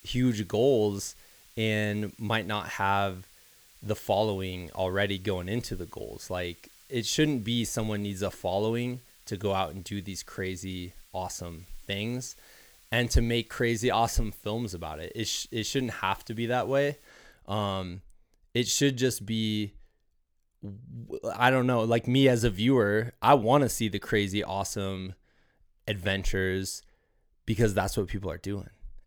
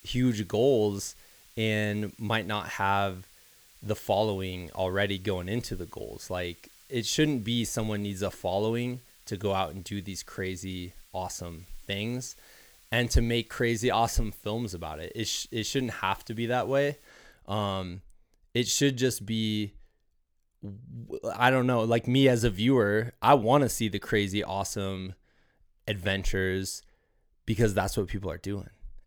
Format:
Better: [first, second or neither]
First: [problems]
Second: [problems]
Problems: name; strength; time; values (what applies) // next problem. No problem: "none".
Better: neither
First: hiss; faint; until 17 s; 25 dB below the speech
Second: hiss; faint; until 17 s; 25 dB below the speech